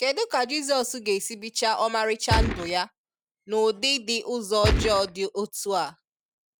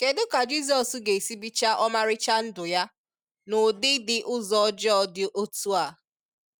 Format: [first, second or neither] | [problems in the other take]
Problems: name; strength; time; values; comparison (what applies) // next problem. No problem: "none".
second | background sound (Gunshot, gunfire); 2 dB above the speech